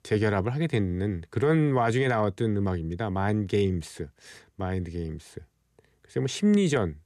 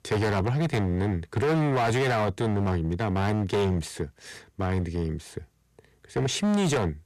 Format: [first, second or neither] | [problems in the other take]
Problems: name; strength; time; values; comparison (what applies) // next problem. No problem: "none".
first | distortion; heavy; 19% of the sound clipped